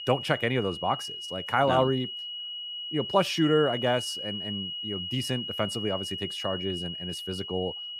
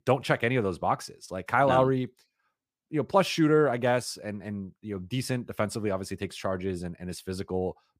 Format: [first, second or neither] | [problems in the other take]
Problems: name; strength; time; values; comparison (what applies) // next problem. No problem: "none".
second | high-pitched whine; loud; throughout; 3 kHz, 5 dB below the speech